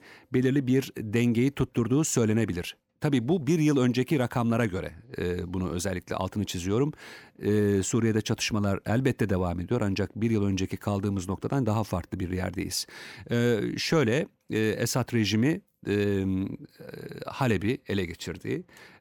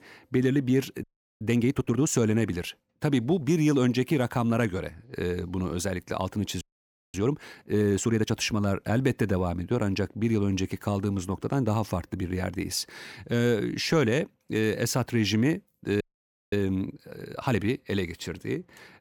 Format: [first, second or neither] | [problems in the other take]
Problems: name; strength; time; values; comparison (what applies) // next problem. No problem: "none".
first | audio freezing; at 1 s, at 6.5 s for 0.5 s and at 16 s for 0.5 s